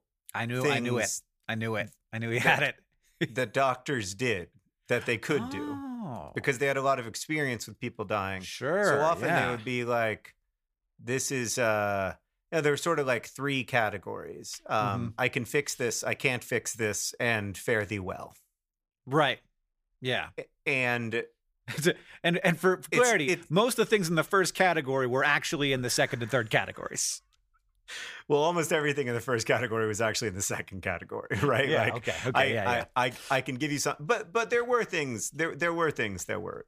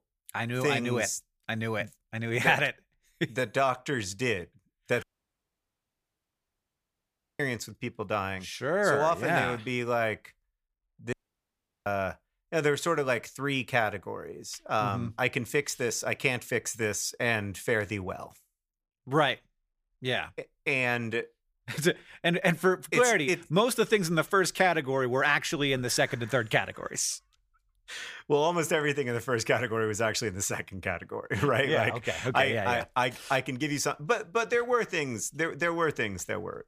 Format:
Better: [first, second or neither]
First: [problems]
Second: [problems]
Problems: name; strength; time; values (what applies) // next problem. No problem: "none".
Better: first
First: none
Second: audio cutting out; at 5 s for 2.5 s and at 11 s for 0.5 s